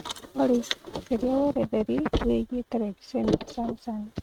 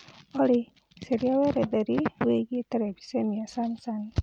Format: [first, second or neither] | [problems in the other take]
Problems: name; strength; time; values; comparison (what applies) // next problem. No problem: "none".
second | noise reduction (neural mask model RNNoise)